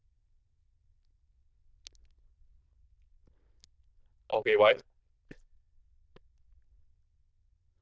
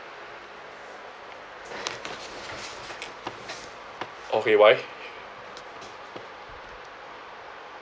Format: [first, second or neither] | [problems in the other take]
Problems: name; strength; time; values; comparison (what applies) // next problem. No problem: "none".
second | noise reduction (neural diffusion model UNIVERSE++)